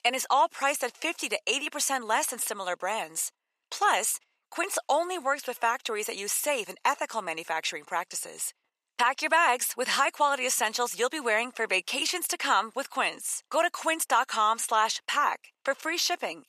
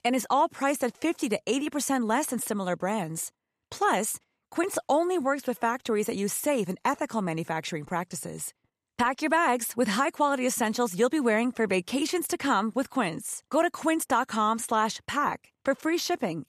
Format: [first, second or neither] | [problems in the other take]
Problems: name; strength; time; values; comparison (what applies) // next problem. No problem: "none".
second | thin; very; fading below 650 Hz